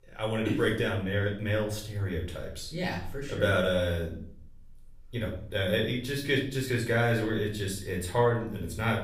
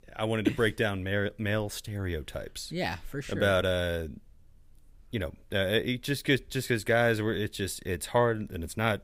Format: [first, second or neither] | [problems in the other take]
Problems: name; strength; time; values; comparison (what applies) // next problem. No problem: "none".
second | off-mic speech; far // room echo; slight; dies away in 0.5 s